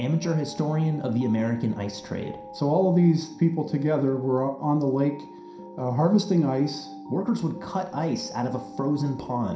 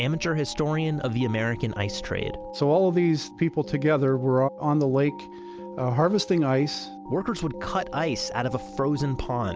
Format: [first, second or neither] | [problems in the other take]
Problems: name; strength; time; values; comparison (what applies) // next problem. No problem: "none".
second | room echo; dies away in 0.5 s